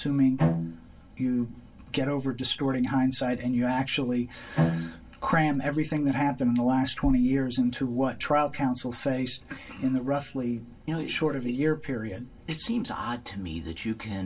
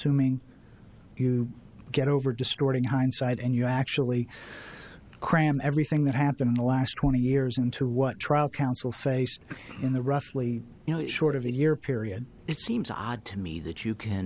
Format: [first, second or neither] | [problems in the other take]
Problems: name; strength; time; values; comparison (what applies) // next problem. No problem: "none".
second | background sound (Bowed string instrument); 2 dB below the speech // room echo; dies away in 0.2 s